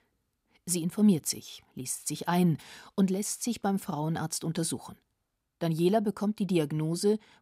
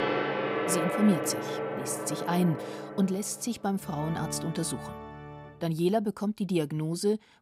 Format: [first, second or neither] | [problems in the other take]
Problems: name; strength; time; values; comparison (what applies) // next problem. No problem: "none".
first | background music; loud; throughout; 4 dB below the speech